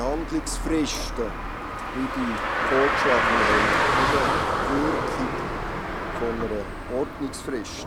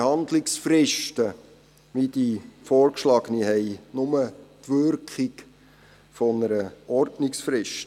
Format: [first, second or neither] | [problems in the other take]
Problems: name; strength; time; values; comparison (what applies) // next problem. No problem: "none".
second | background sound (Car); 4 dB above the speech